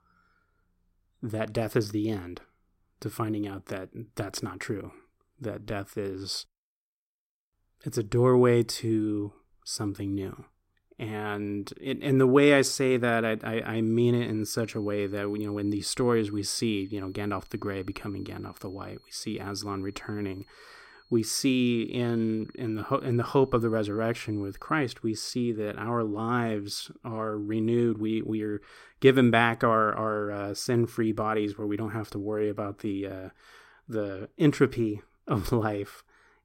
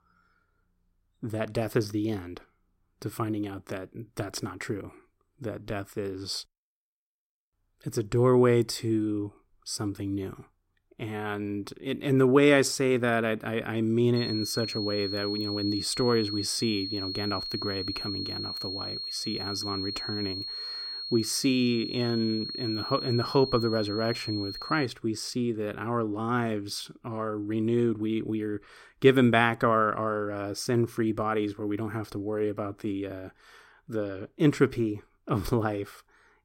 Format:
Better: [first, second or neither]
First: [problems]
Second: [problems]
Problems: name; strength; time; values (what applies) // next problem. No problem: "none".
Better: first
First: high-pitched whine; faint; from 14 to 25 s; 4.5 kHz, 35 dB below the speech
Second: high-pitched whine; loud; from 14 to 25 s; 4.5 kHz, 5 dB below the speech